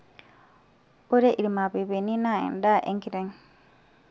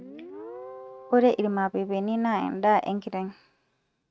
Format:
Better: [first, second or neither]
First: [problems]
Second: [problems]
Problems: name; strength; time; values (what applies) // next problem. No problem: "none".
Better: first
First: none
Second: noise reduction (neural mask model RNNoise)